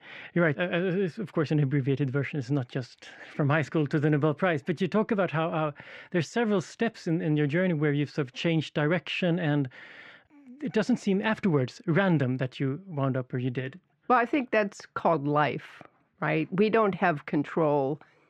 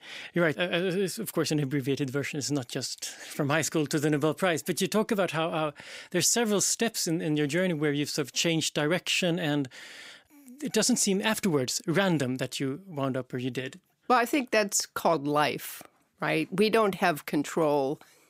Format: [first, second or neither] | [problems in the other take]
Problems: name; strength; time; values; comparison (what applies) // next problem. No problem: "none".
second | muffled; very; fading above 2 kHz